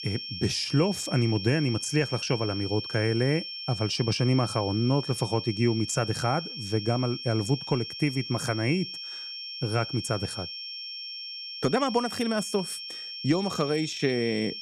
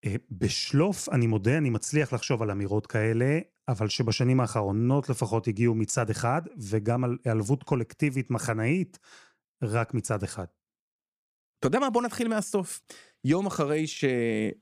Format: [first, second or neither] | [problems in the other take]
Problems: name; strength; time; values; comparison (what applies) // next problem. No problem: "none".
second | high-pitched whine; loud; throughout; 5.5 kHz, 7 dB below the speech